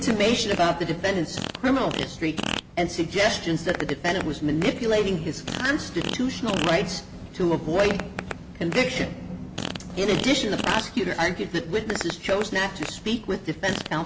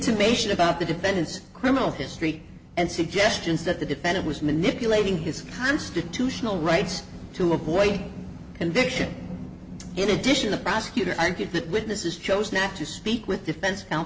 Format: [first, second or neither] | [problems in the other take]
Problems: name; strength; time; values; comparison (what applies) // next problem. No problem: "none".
second | background sound (Fart); 10 dB below the speech